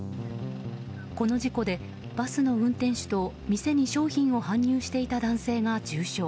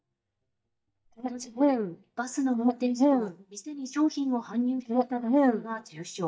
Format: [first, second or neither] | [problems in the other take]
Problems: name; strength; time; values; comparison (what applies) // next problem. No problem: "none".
first | noise reduction (neural mask model DeepFilterNet 3)